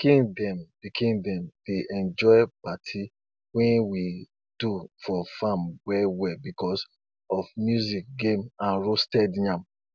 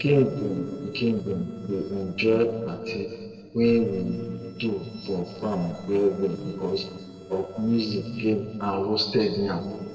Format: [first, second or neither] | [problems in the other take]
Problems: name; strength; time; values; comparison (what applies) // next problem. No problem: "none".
first | noise reduction (neural separator model SepFormer DNS4)